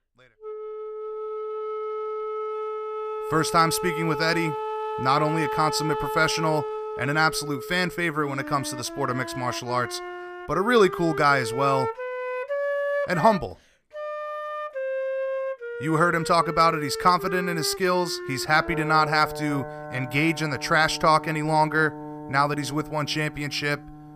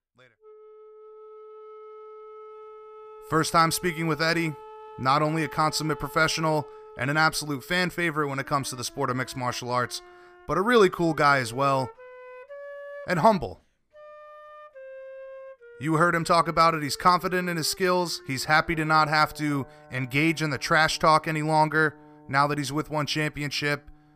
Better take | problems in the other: second | background music; loud; throughout; 8 dB below the speech; faint in the second

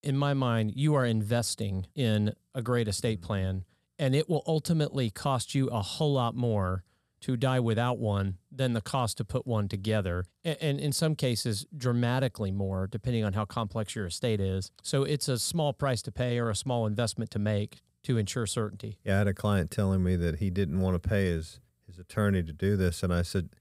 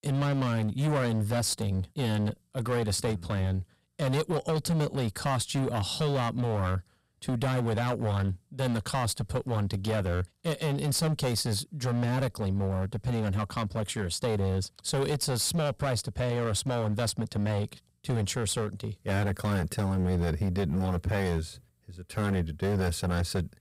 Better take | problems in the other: first | distortion; heavy; 16% of the sound clipped

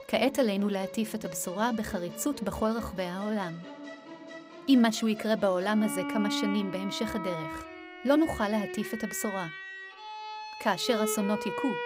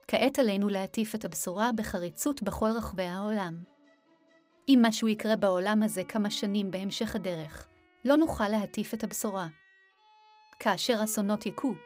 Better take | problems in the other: second | background music; loud; throughout; 10 dB below the speech; faint in the second

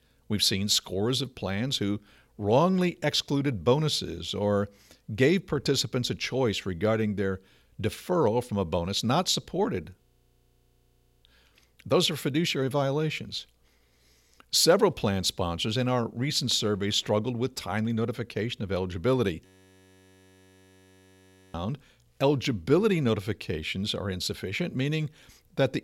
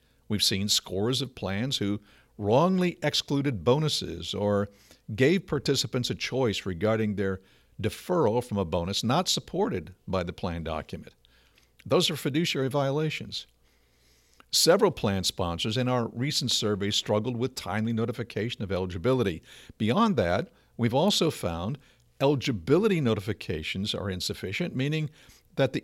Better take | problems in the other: second | audio freezing; at 10 s for 1 s and at 19 s for 2 s

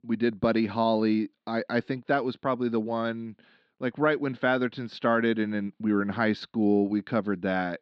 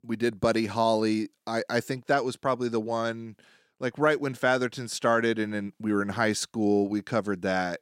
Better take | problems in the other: second | muffled; very slightly; fading above 4 kHz

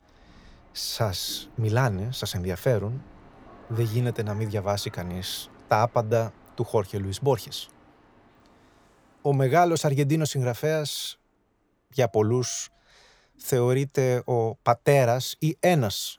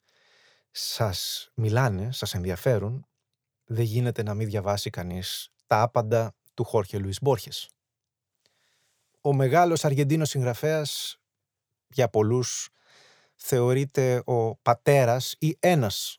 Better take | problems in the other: second | train or aircraft noise; faint; throughout; 25 dB below the speech

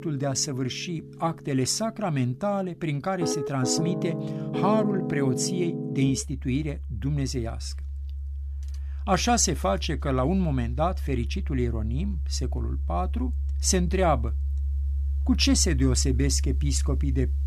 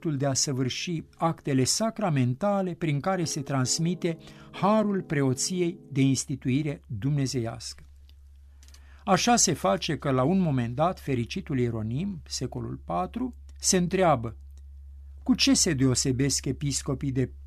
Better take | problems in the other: second | background music; loud; throughout; 3 dB below the speech; faint in the second

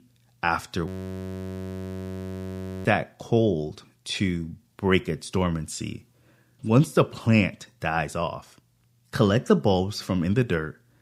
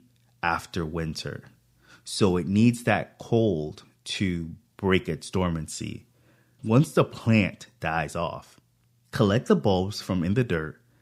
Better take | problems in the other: second | audio freezing; at 1 s for 2 s

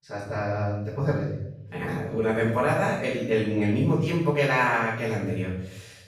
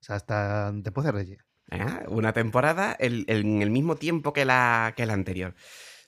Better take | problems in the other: second | off-mic speech; far // room echo; noticeable; dies away in 0.7 s

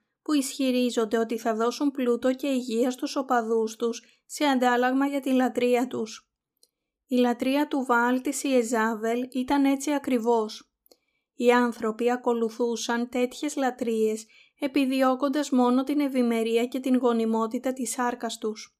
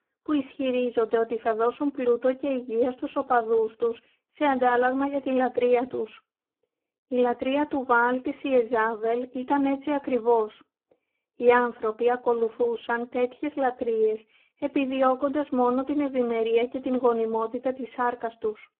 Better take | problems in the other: first | phone-call audio; poor line

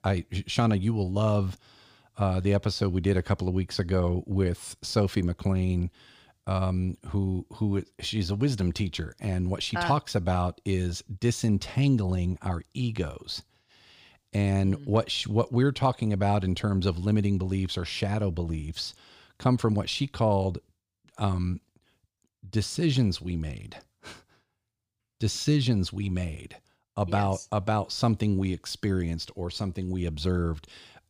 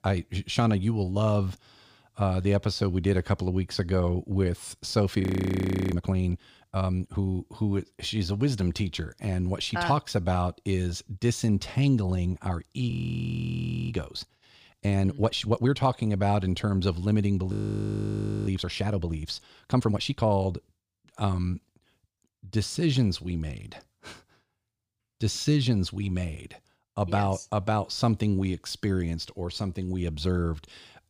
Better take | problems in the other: first | audio freezing; at 5 s for 0.5 s, at 13 s for 1 s and at 18 s for 1 s

